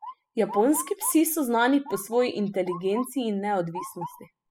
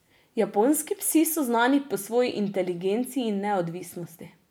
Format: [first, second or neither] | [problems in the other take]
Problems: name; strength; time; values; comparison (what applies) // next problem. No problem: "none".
second | noise reduction (classical method spectral subtraction)